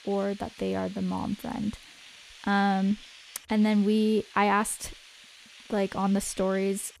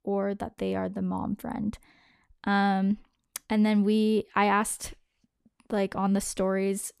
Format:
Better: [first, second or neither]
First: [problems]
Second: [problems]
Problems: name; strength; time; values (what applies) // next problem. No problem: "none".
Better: second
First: hiss; noticeable; throughout; 20 dB below the speech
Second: none